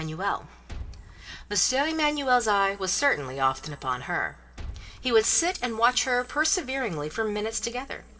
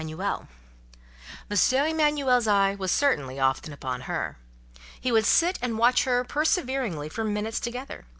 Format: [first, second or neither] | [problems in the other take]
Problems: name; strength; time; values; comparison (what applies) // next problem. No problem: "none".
second | background sound (Liquid); 19 dB below the speech // room echo; dies away in 2.1 s